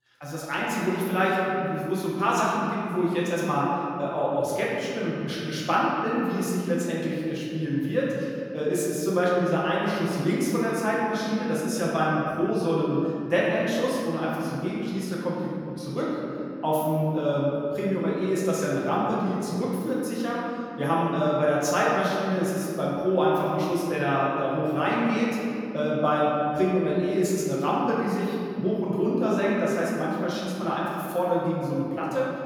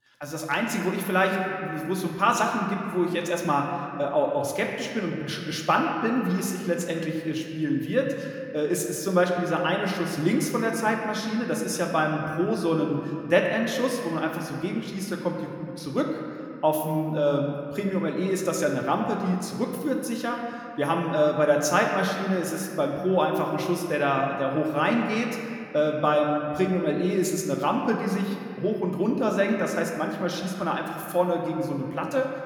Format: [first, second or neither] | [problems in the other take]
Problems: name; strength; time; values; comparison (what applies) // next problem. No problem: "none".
second | room echo; strong; dies away in 2.6 s; slight in the second // off-mic speech; far